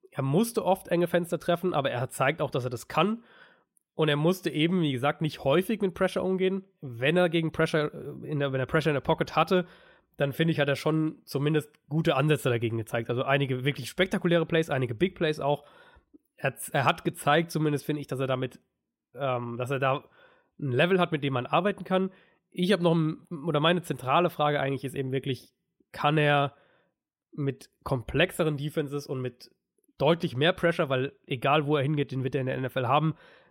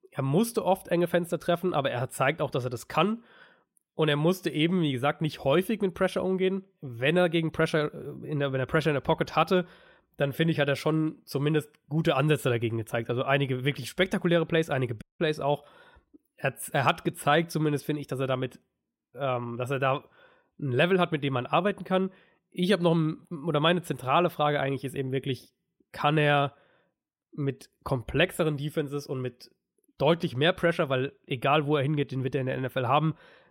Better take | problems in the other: first | audio cutting out; at 15 s

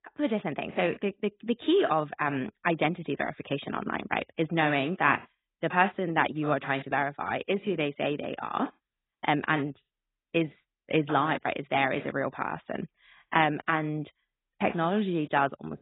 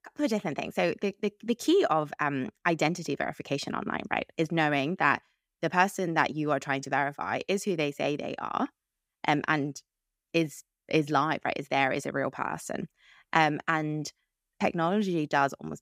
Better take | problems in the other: second | garbled, watery; badly; nothing above 3.5 kHz

